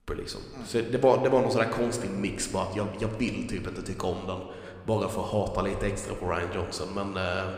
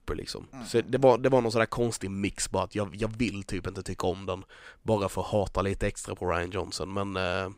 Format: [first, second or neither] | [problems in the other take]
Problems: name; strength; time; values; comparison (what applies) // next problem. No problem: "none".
second | room echo; slight; dies away in 1.7 s